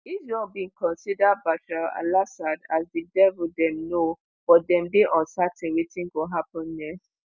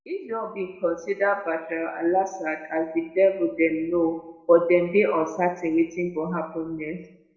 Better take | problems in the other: first | room echo; dies away in 0.7 s

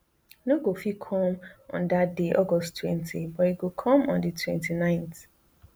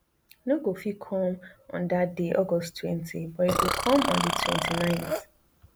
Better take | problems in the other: first | background sound (Burping, eructation); as loud as the speech

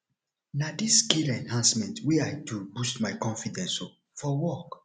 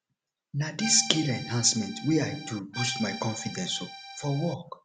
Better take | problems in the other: first | background sound (Accordion); 10 dB below the speech

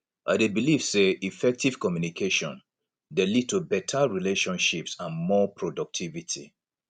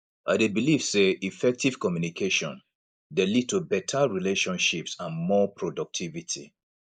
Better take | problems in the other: first | noise reduction (neural mask model Resemble Enhance denoiser)

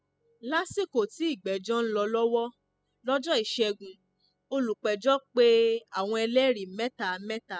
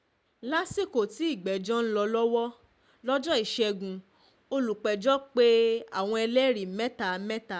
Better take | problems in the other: second | noise reduction (classical method spectral subtraction)

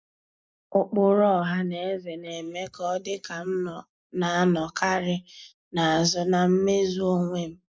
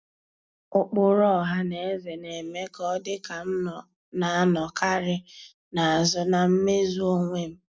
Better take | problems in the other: second | noise reduction (neural mask model Resemble Enhance denoiser)

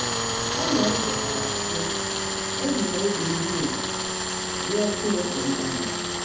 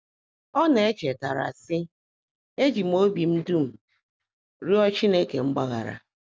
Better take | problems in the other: second | background sound (Tools); 3 dB above the speech // room echo; dies away in 0.9 s

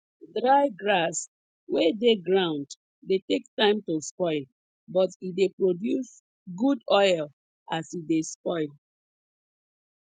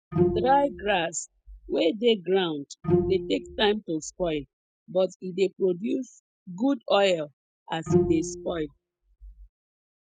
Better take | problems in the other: first | noise reduction (classical method spectral subtraction)

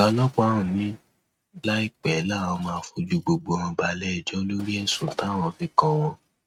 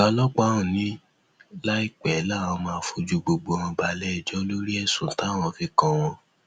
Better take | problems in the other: second | noise reduction (neural mask model RNNoise)

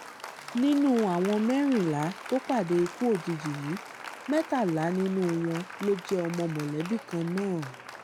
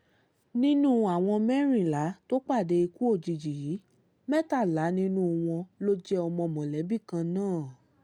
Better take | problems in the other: second | background sound (Applause); 14 dB below the speech

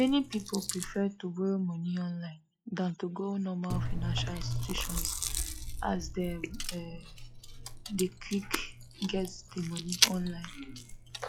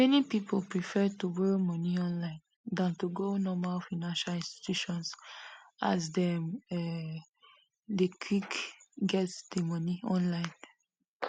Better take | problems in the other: second | noise reduction (classical method log-MMSE)

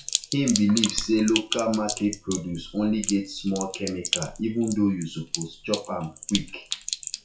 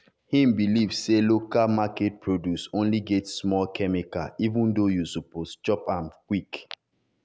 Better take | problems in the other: second | noise reduction (classical method WPE with log-MMSE)

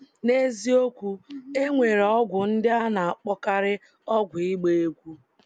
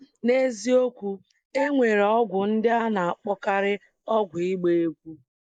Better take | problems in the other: first | noise reduction (neural mask model Resemble Enhance denoiser)

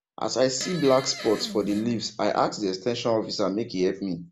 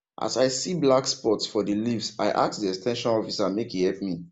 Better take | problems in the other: second | background sound (Fart); 12 dB below the speech

